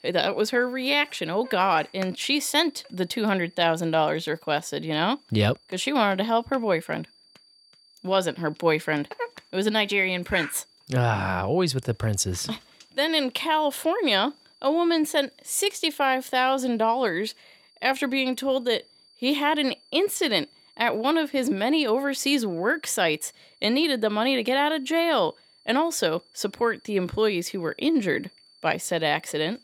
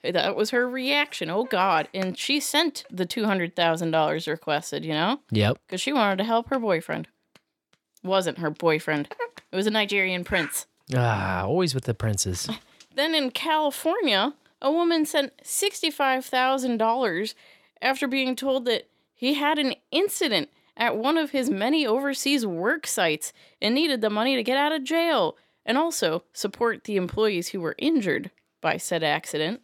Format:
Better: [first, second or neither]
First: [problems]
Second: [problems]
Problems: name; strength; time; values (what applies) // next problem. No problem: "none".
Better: second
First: high-pitched whine; faint; throughout; 4.5 kHz, 30 dB below the speech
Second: none